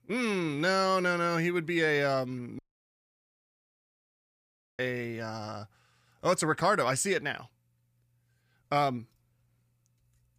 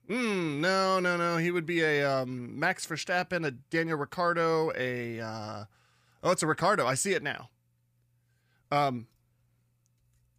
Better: second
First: audio cutting out; at 2.5 s for 2 s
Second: none

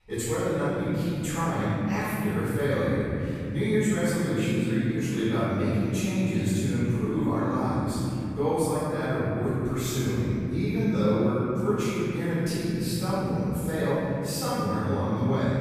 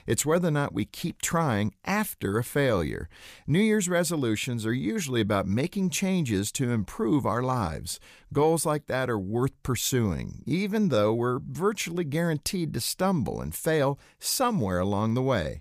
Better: second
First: off-mic speech; far // room echo; strong; dies away in 3 s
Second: none

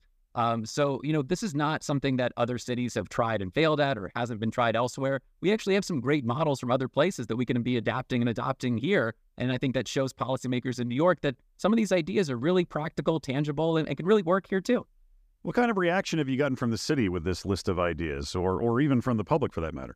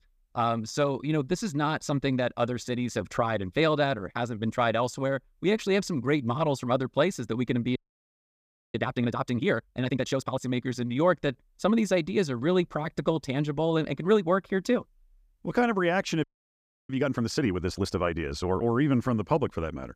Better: first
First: none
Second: audio freezing; at 8 s for 1 s and at 16 s for 0.5 s

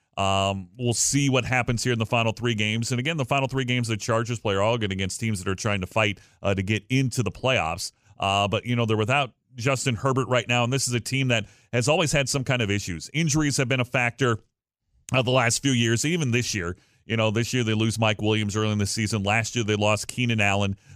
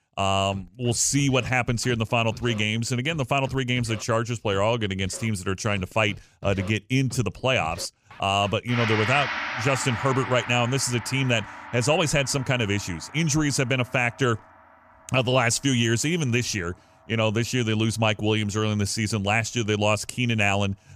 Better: first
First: none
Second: background music; noticeable; throughout; 10 dB below the speech

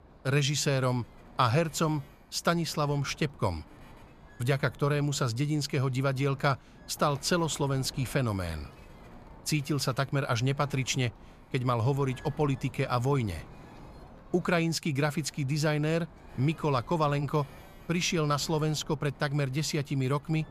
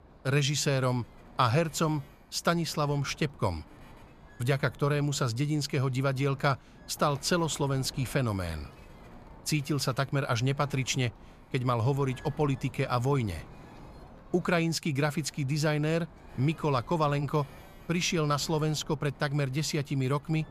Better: neither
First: wind noise on the microphone; occasional gusts; 20 dB below the speech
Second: wind noise on the microphone; occasional gusts; 20 dB below the speech

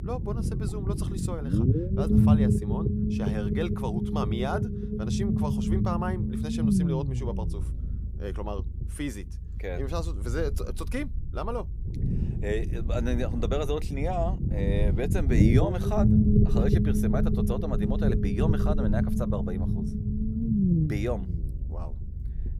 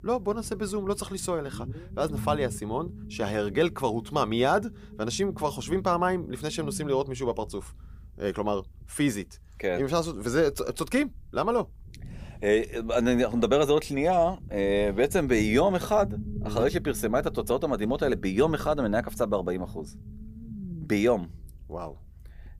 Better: second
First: low rumble; loud; throughout; as loud as the speech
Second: low rumble; faint; throughout; 20 dB below the speech

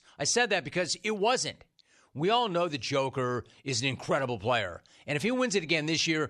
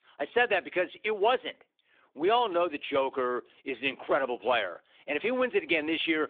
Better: first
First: none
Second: phone-call audio; nothing above 3.5 kHz

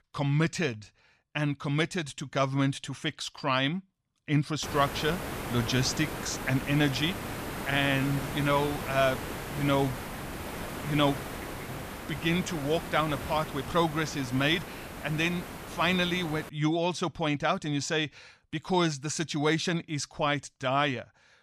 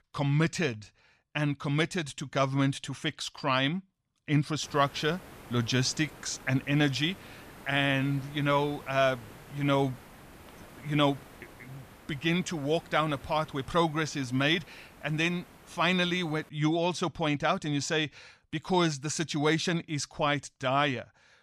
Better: second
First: hiss; loud; from 4.5 to 16 s; 8 dB below the speech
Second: hiss; faint; from 4.5 to 16 s; 20 dB below the speech

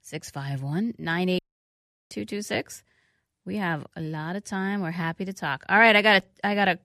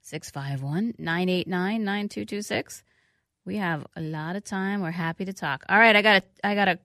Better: second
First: audio cutting out; at 1.5 s for 0.5 s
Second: none

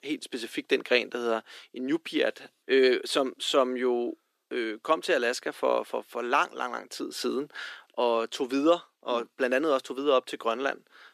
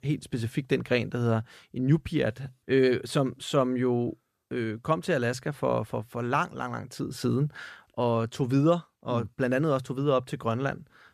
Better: second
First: thin; somewhat; fading below 300 Hz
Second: none

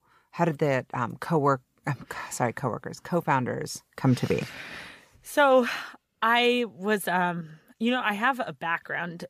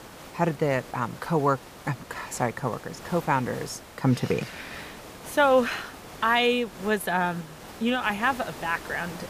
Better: first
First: none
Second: hiss; noticeable; throughout; 15 dB below the speech

